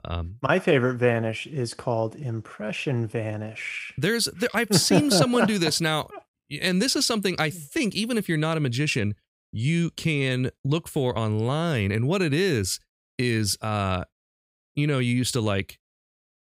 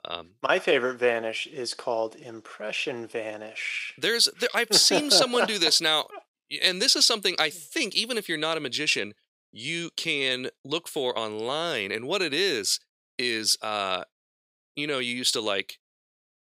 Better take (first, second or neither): first